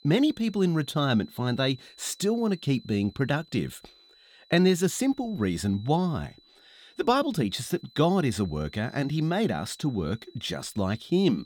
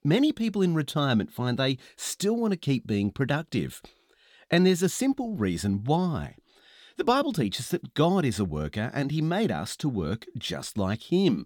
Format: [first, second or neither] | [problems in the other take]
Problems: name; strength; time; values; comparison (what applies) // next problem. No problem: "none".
second | high-pitched whine; faint; throughout; 4 kHz, 25 dB below the speech